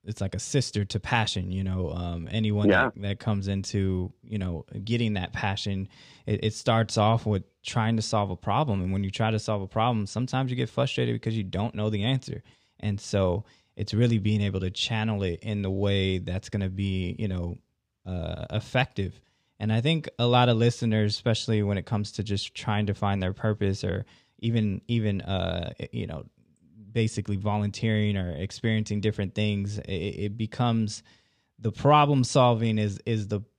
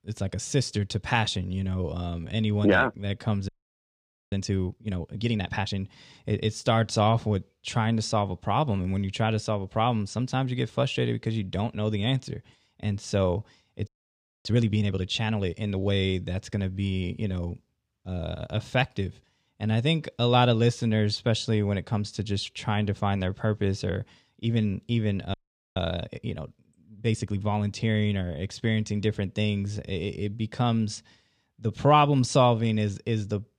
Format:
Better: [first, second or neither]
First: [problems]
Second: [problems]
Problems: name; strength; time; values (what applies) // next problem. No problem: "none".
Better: first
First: none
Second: audio freezing; at 3.5 s for 1 s, at 14 s for 0.5 s and at 25 s